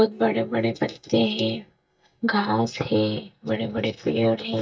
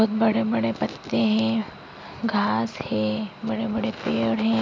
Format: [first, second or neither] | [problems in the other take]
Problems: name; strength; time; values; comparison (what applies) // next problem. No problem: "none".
second | noise reduction (neural mask model DeepFilterNet 3)